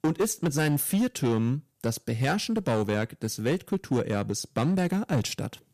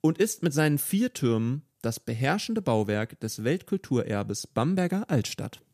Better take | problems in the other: second | distortion; slight; 9% of the sound clipped

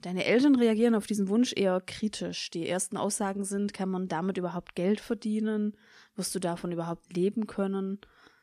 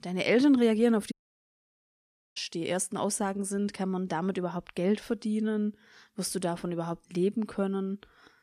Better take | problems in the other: first | audio cutting out; at 1 s for 1 s

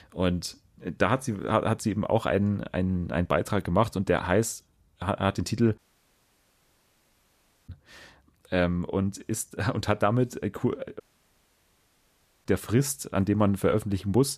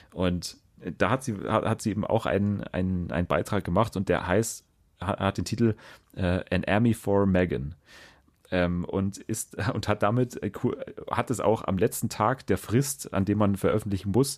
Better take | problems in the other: second | audio cutting out; at 6 s for 2 s and at 11 s for 1.5 s

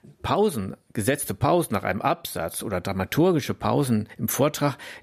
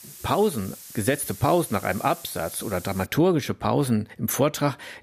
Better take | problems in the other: first | hiss; noticeable; until 3 s; 15 dB below the speech

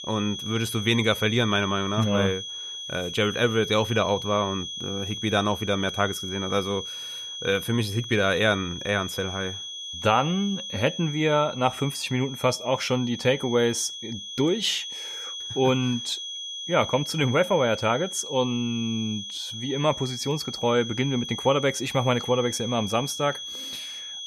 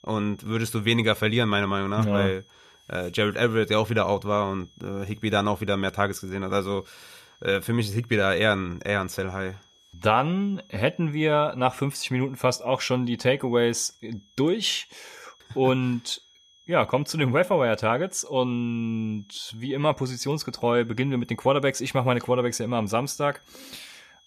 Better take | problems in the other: second | high-pitched whine; loud; throughout; 3.5 kHz, 8 dB below the speech; faint in the second

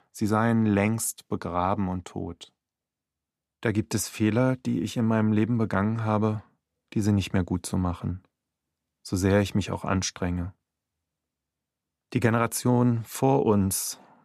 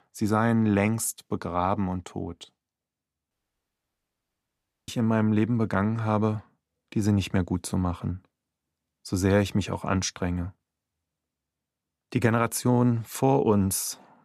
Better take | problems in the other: first | audio cutting out; at 3.5 s for 1.5 s

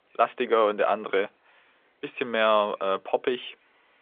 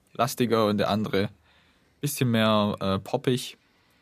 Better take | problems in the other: second | phone-call audio; nothing above 3.5 kHz

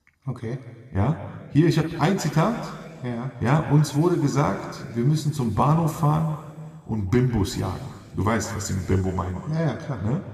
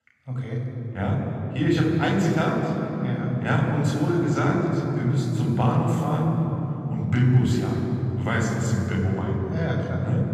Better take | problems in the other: first | room echo; strong; dies away in 3 s; slight in the first // off-mic speech; far

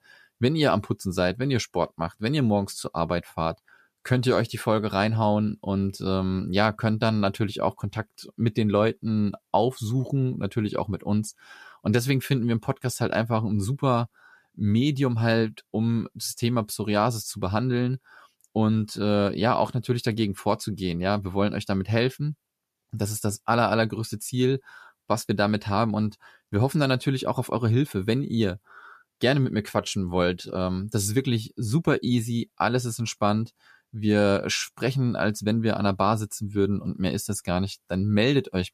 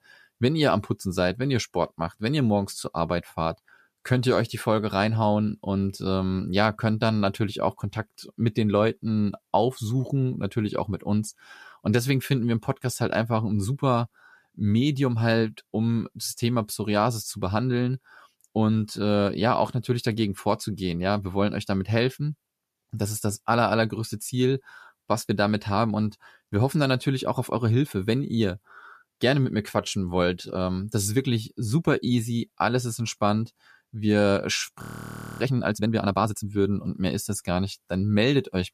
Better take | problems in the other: first | audio freezing; at 35 s for 0.5 s

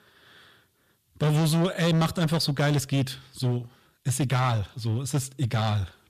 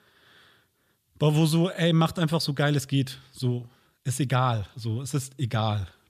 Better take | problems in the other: second | distortion; slight; 11% of the sound clipped

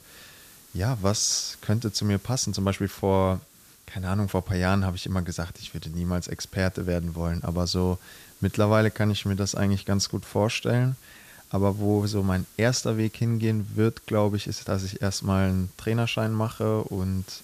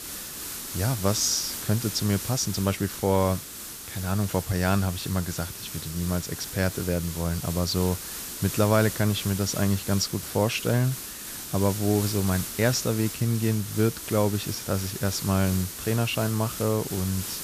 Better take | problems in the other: first | hiss; loud; throughout; 7 dB below the speech; faint in the first

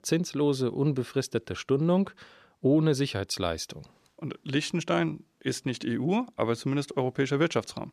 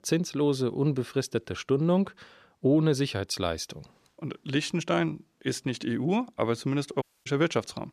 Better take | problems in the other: first | audio cutting out; at 7 s

